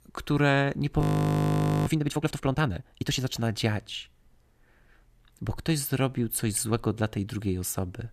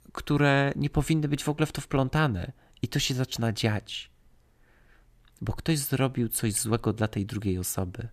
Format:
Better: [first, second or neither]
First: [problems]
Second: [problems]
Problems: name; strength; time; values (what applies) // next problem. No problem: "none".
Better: second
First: audio freezing; at 1 s for 1 s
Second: none